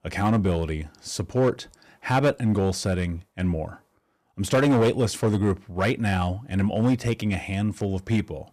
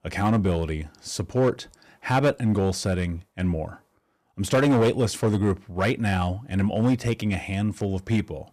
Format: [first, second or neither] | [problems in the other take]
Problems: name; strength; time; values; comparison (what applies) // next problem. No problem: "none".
neither | distortion; slight; 5% of the sound clipped; the same in both